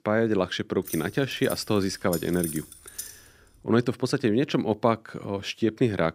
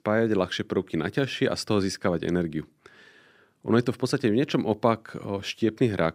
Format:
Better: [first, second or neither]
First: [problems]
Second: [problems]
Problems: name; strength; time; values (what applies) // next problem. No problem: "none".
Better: second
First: jangling keys; noticeable; from 1 to 3 s; peak 8 dB below the speech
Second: none